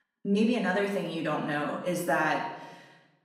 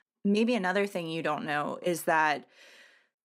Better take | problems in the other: second | off-mic speech; far // room echo; noticeable; dies away in 0.9 s

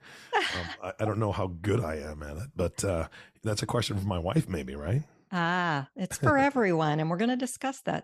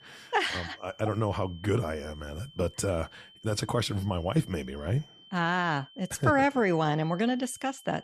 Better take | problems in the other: first | high-pitched whine; faint; throughout; 3 kHz, 20 dB below the speech

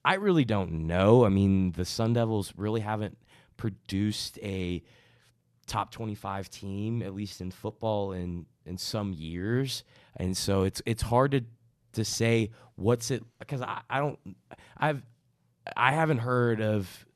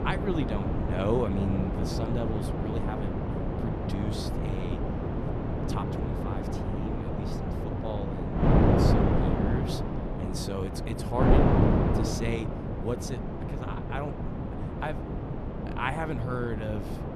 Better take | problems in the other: first | wind noise on the microphone; heavy; 3 dB above the speech

